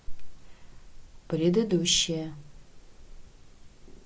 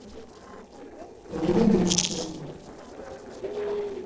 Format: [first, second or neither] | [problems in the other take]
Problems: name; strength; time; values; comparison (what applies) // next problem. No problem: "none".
first | noise reduction (neural separator model SepFormer DNS4)